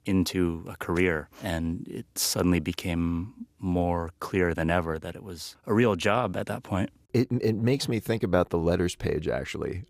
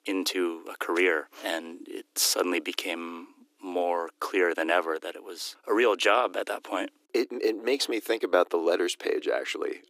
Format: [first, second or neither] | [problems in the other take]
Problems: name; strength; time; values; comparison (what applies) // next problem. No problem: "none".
first | thin; somewhat; fading below 300 Hz